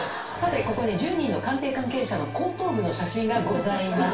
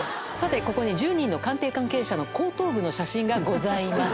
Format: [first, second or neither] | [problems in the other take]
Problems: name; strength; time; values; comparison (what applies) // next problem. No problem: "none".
second | room echo; dies away in 0.3 s